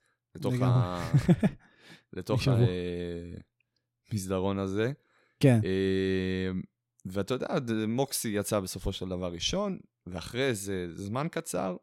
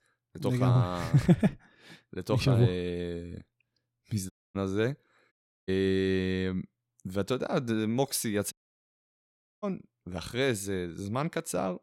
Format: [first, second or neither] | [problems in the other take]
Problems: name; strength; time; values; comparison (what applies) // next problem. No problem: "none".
first | audio cutting out; at 4.5 s, at 5.5 s and at 8.5 s for 1 s